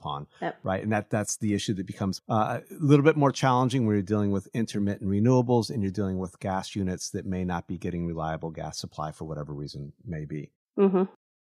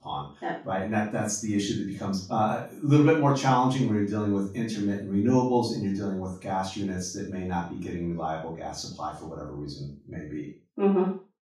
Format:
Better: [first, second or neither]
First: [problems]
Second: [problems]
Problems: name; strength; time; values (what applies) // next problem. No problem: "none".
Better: first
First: none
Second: room echo; noticeable; dies away in 0.3 s // off-mic speech; far